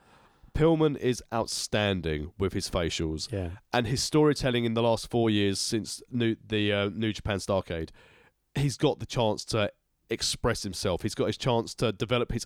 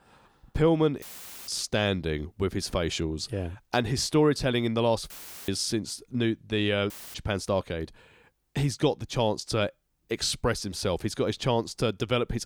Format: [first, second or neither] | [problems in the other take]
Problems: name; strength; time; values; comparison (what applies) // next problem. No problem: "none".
first | audio cutting out; filled with static; at 1 s, at 5 s and at 7 s